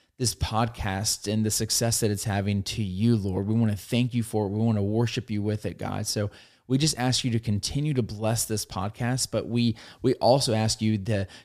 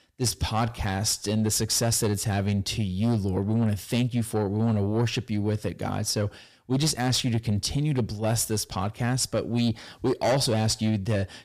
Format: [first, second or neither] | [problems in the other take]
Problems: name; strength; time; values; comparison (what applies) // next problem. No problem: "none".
first | distortion; slight; 10 dB below the speech